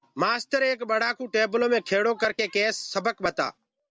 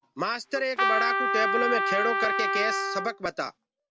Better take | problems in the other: first | background sound (Trumpet); 3 dB above the speech

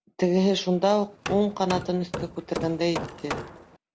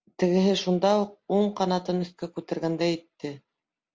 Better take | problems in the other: second | background sound (Hammer); 10 dB below the speech

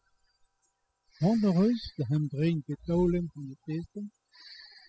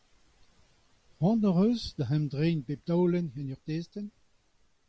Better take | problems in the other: second | noise reduction (classical method spectral subtraction)

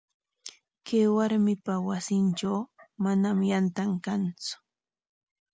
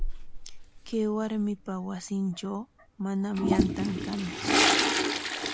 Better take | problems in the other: first | background sound (Toilet flush); 3 dB above the speech

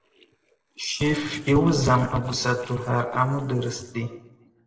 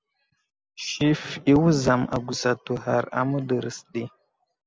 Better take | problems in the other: second | noise reduction (neural separator model SepFormer DNS4)

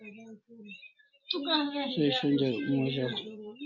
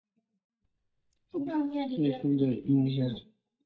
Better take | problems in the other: first | noise reduction (neural mask model DeepFilterNet 3)

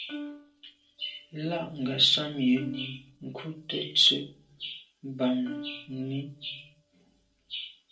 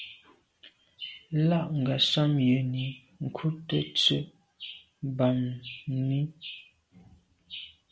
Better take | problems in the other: second | noise reduction (neural separator model SepFormer DNS4)

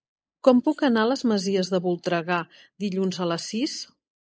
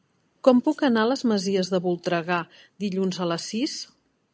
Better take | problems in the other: second | noise reduction (neural mask model Resemble Enhance denoiser)

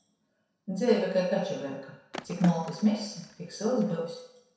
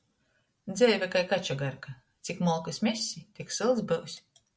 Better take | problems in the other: second | background sound (Skateboard); 14 dB below the speech // room echo; dies away in 0.7 s

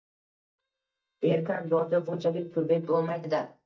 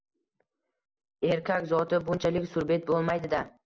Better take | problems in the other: second | noise reduction (neural mask model DeepFilterNet 3)

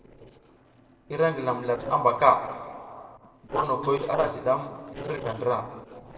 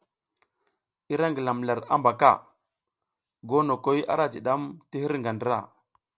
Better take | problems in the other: second | noise reduction (neural separator model SepFormer DNS4)

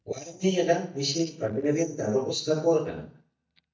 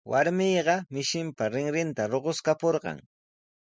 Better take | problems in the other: second | noise reduction (neural mask model DeepFilterNet 3)

